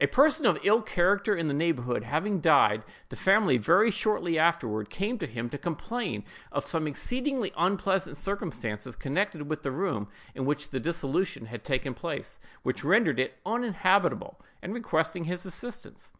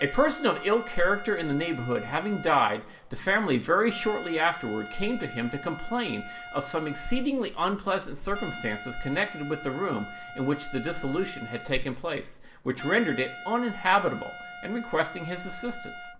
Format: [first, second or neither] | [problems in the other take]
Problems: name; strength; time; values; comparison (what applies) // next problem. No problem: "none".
first | background sound (Trumpet); 14 dB below the speech // room echo; dies away in 0.5 s